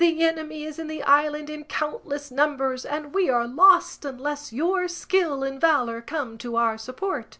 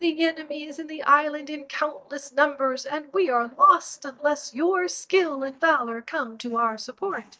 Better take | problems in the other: first | noise reduction (neural mask model DeepFilterNet 3)

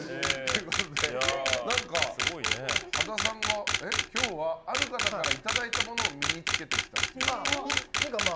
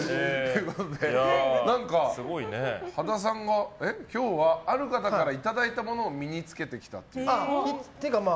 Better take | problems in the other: second | background sound (Camera); 5 dB above the speech

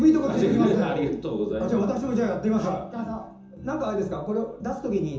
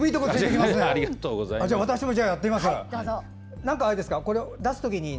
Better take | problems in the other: second | room echo; dies away in 0.6 s

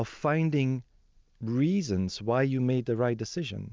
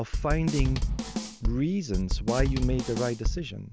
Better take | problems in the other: first | background sound (Drum / Drum kit); 1 dB above the speech

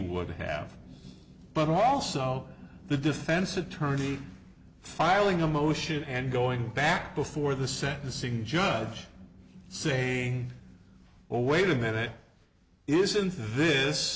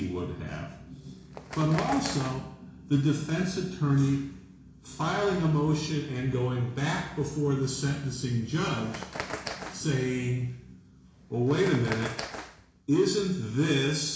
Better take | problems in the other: first | background sound (Bird); 12 dB below the speech // room echo; dies away in 0.7 s

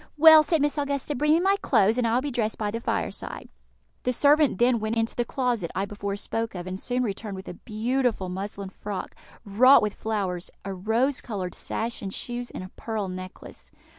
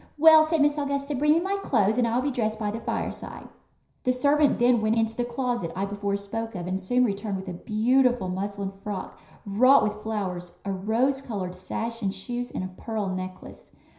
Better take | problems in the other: first | room echo; dies away in 0.5 s

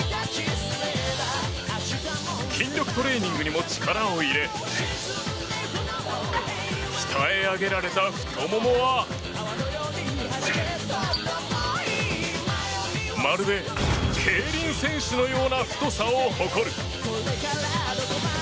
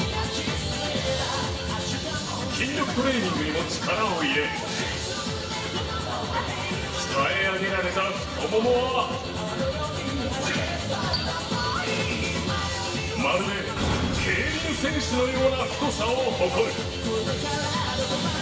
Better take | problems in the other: first | room echo; dies away in 1.2 s

